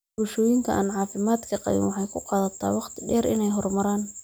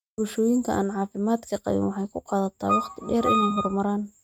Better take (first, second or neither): first